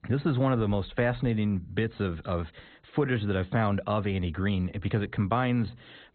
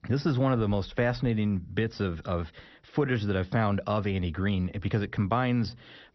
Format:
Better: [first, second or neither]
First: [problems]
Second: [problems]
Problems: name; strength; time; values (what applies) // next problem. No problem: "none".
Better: second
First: garbled, watery; badly; nothing above 4 kHz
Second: garbled, watery; slightly; nothing above 5.5 kHz